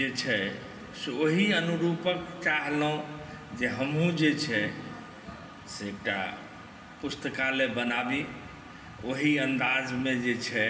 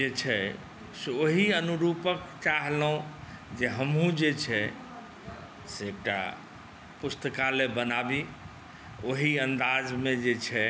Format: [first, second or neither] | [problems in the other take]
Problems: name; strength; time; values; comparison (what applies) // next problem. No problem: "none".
second | room echo; dies away in 2.2 s